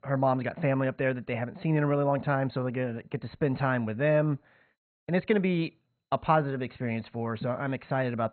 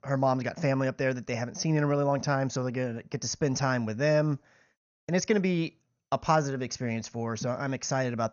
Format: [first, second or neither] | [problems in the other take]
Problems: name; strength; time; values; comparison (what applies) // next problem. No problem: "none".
second | garbled, watery; badly; nothing above 4 kHz; slightly in the second